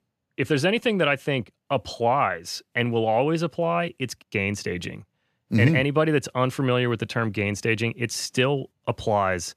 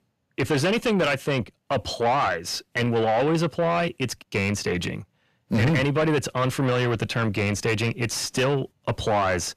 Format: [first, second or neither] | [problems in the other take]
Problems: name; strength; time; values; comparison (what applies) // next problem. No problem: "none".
first | distortion; heavy; 7 dB below the speech